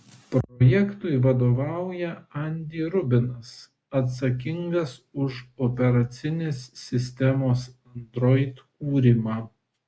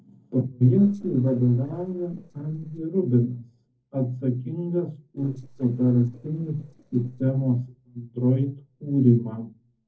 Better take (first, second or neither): first